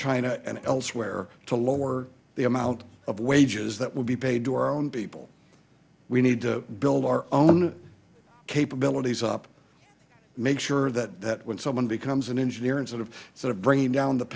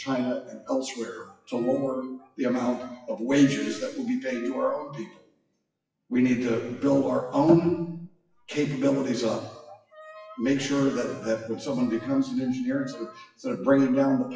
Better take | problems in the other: first | noise reduction (classical method WPE with log-MMSE)

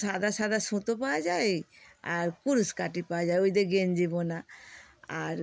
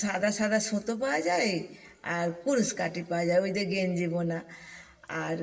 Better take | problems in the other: first | room echo; dies away in 0.8 s

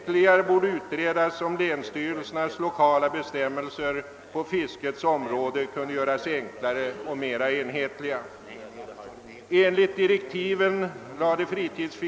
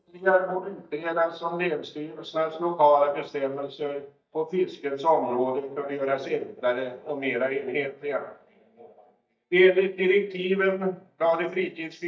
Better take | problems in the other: first | noise reduction (neural mask model DeepFilterNet 3)

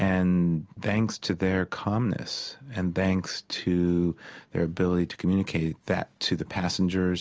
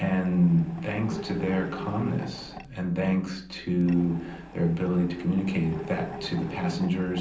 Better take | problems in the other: first | background sound (Mechanisms); 13 dB below the speech // room echo; dies away in 0.6 s

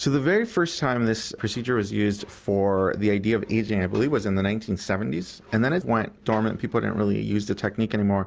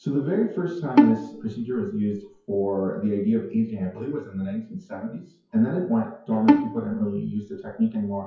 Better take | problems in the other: first | noise reduction (classical method WPE with log-MMSE)

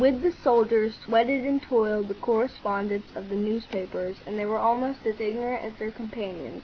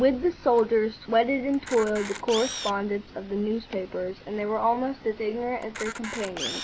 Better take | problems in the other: first | background sound (Camera); 14 dB below the speech

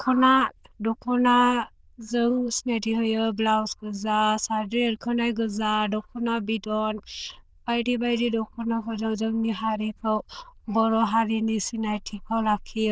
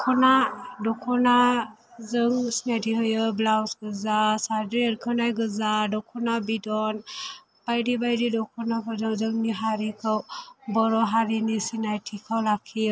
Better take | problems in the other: second | noise reduction (neural diffusion model UNIVERSE++)

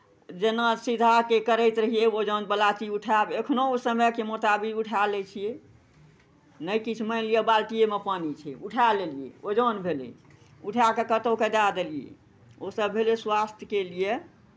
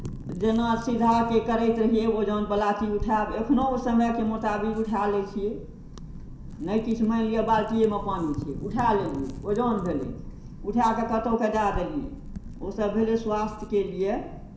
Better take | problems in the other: first | background sound (Wind / Fire); 12 dB below the speech // room echo; dies away in 0.7 s

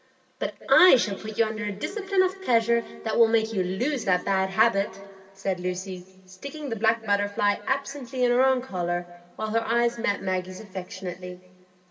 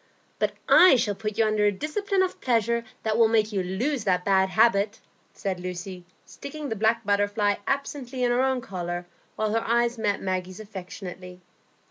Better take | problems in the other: second | background sound (Wind instrument, woodwind instrument); 20 dB below the speech // room echo; dies away in 2.6 s

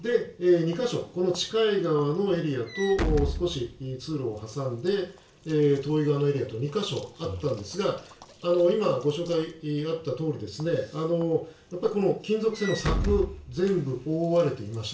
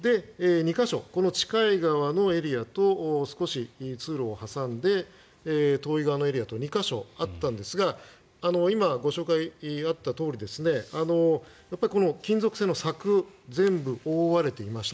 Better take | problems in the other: second | background sound (Walk, footsteps / Slam); 11 dB below the speech // room echo; dies away in 0.3 s

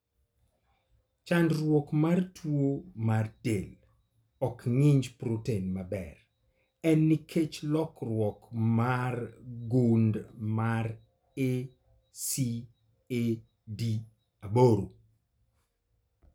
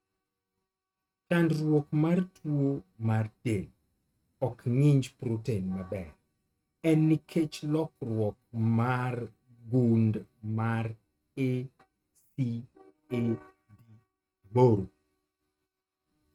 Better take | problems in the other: first | noise reduction (neural mask model RNNoise)

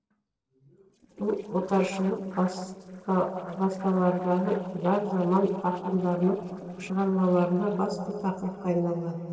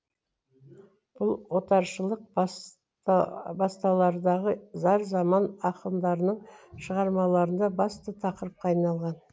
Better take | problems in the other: second | noise reduction (neural separator model SepFormer DNS4)

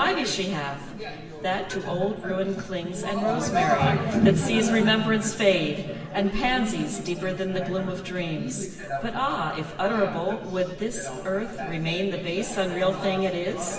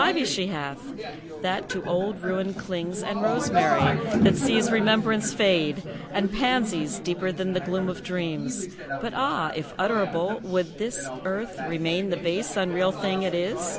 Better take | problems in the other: second | room echo; dies away in 1.1 s

